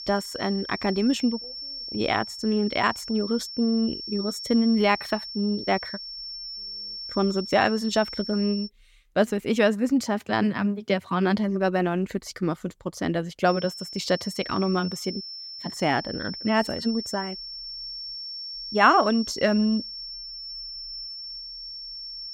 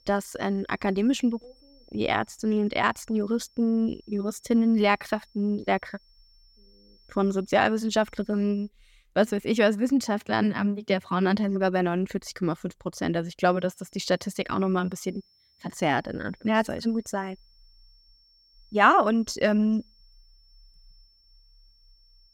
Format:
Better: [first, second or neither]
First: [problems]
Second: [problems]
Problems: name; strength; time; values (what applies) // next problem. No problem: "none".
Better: second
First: high-pitched whine; loud; until 8.5 s and from 13 s on; 5.5 kHz, 9 dB below the speech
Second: high-pitched whine; faint; until 8.5 s and from 13 s on; 5.5 kHz, 35 dB below the speech